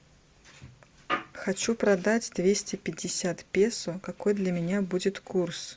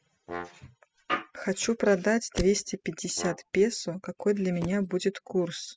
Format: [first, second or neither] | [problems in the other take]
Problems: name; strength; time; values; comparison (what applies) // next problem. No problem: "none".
first | noise reduction (classical method spectral subtraction)